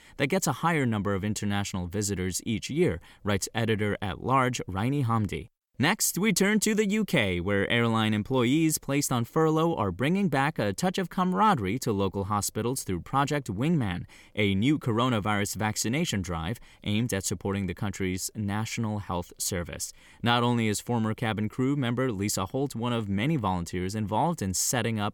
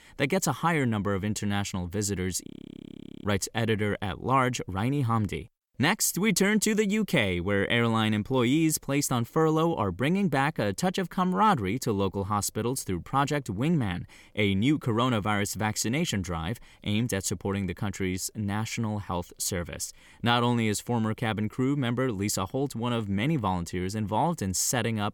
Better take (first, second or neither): first